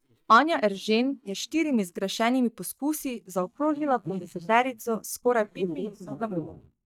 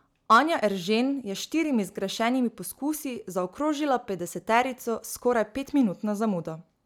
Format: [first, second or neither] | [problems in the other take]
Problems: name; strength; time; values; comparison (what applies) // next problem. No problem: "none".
second | noise reduction (neural mask model DeepFilterNet 3)